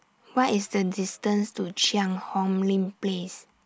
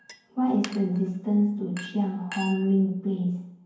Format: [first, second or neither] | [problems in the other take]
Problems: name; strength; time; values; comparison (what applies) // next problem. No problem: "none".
first | background sound (Chink, clink); 18 dB below the speech // room echo; dies away in 0.9 s